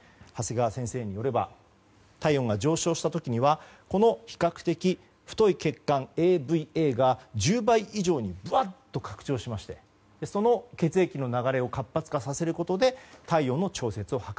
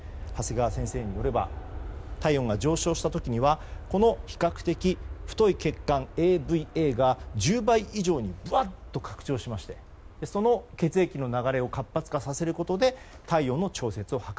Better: first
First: none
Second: background sound (Aircraft); 13 dB below the speech

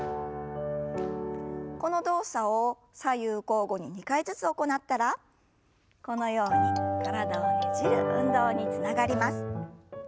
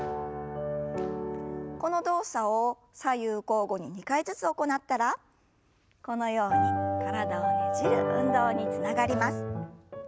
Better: second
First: background sound (Marimba, xylophone); 15 dB below the speech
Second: none

